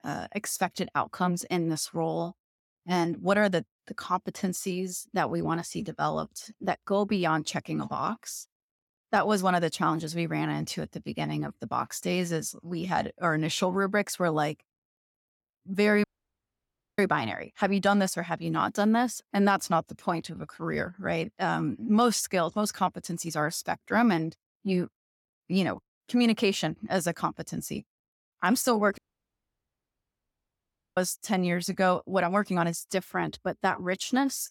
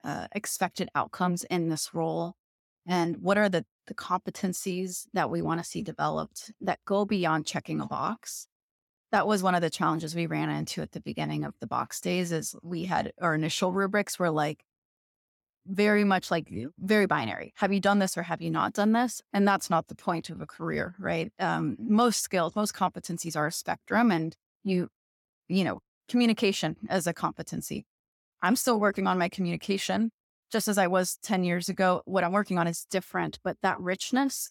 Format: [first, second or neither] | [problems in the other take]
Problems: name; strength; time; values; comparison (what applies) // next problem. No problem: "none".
second | audio cutting out; at 16 s for 1 s and at 29 s for 2 s